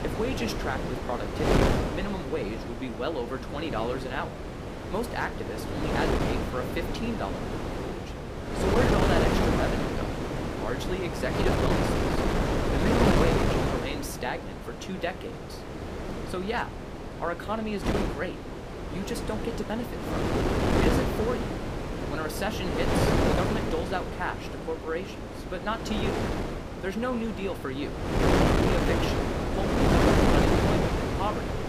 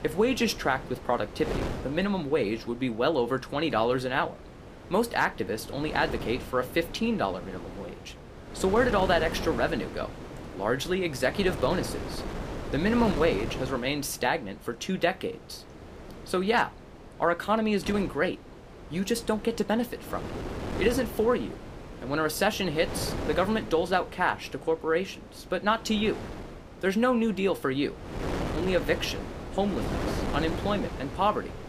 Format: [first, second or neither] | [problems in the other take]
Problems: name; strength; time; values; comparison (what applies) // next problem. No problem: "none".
second | wind noise on the microphone; heavy; 3 dB above the speech; occasional gusts in the second